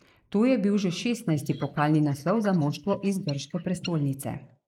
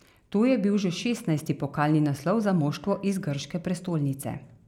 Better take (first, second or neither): second